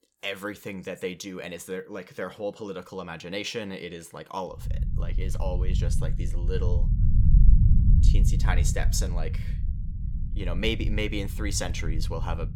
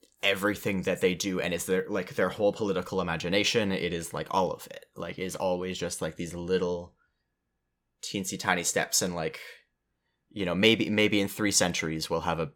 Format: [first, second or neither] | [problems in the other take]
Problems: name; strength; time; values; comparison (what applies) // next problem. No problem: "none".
second | low rumble; loud; from 4.5 s on; 9 dB below the speech